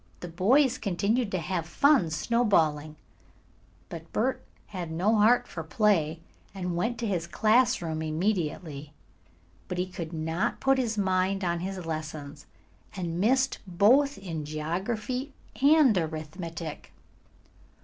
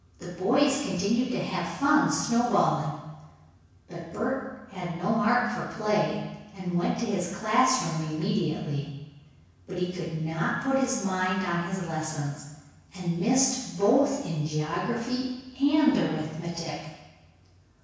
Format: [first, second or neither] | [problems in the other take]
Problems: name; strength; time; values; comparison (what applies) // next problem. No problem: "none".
first | room echo; dies away in 1.1 s